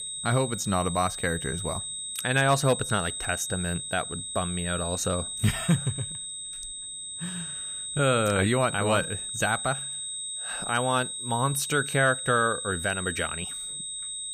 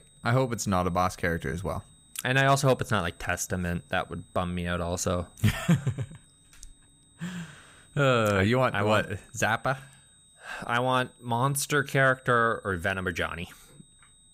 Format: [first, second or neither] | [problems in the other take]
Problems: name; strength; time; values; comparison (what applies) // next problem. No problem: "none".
second | high-pitched whine; loud; throughout; 8 kHz, 5 dB below the speech; faint in the second